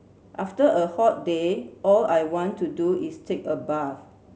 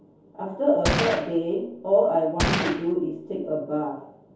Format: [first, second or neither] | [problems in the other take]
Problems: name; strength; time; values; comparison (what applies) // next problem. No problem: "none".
first | background sound (Gunshot, gunfire); 3 dB below the speech // room echo; dies away in 0.6 s